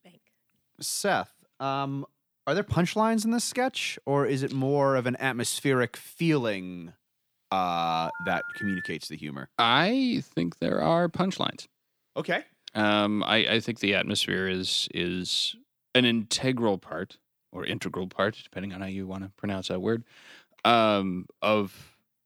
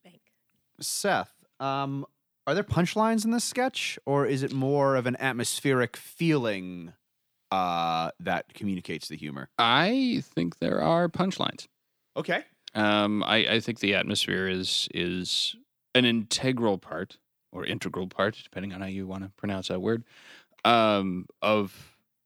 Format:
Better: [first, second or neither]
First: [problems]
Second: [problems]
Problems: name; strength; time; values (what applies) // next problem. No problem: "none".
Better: second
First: phone ringing; noticeable; from 8 to 9 s; peak 7 dB below the speech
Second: none